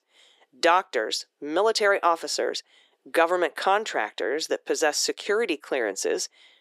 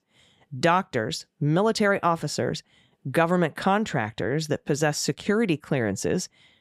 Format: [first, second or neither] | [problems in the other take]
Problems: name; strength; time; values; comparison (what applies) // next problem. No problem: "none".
second | thin; very; fading below 350 Hz